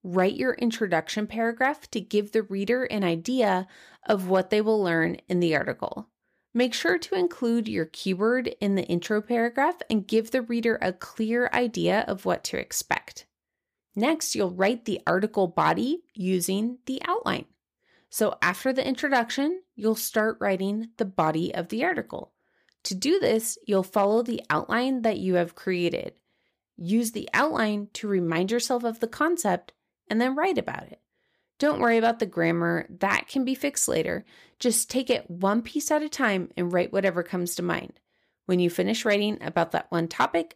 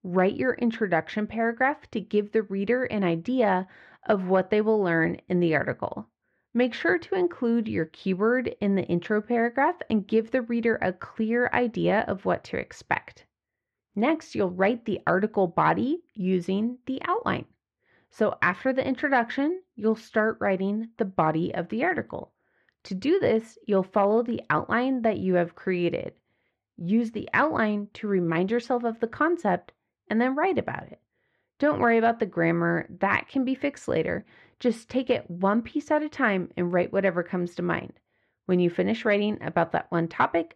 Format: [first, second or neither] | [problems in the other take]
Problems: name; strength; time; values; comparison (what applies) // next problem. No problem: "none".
first | muffled; very; fading above 2 kHz